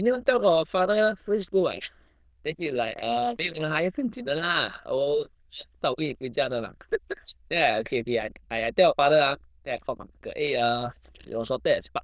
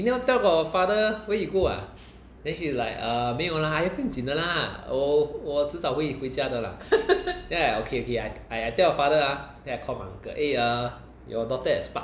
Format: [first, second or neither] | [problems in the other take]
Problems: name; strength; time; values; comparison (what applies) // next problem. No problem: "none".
second | noise reduction (neural diffusion model UNIVERSE++)